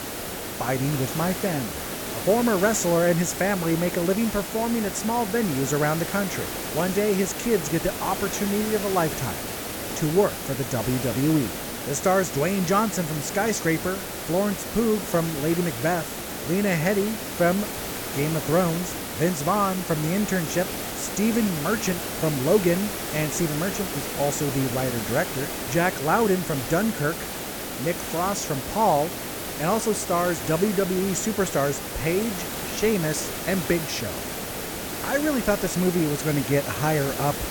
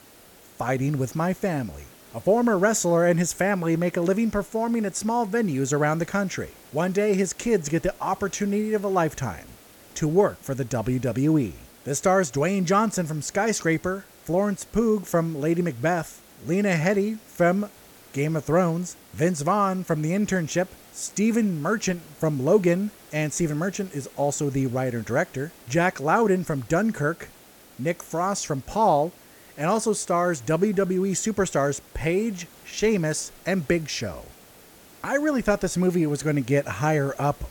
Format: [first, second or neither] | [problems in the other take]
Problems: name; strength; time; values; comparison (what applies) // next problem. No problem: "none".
second | hiss; loud; throughout; 5 dB below the speech; faint in the second